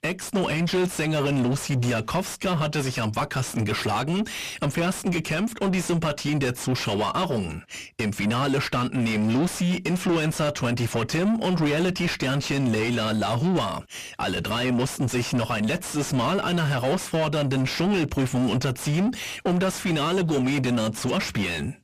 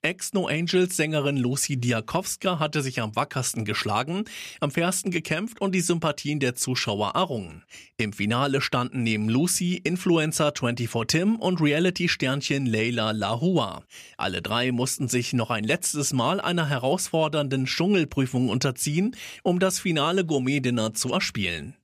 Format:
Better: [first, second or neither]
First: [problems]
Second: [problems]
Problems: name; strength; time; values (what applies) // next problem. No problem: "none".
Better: second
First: distortion; heavy; 6 dB below the speech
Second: none